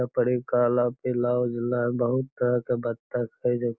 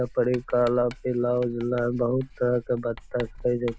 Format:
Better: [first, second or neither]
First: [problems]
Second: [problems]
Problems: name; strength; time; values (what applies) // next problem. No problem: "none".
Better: first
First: none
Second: background sound (Writing); 19 dB below the speech